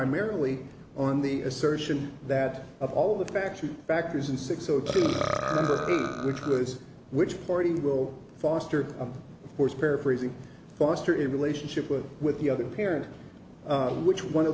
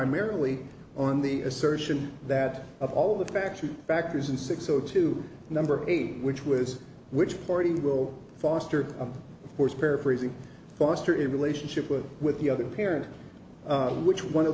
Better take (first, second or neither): second